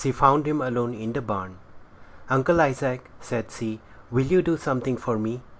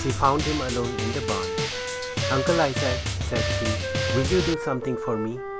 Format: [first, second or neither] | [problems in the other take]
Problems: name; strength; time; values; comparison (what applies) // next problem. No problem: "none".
first | background sound (Wind instrument, woodwind instrument + Drum); as loud as the speech